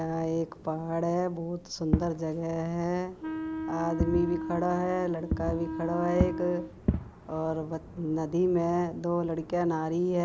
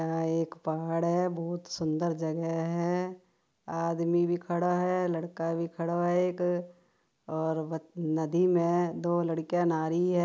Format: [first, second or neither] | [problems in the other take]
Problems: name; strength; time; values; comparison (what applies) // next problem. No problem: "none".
second | background sound (Fireworks + Wind instrument, woodwind instrument); 6 dB below the speech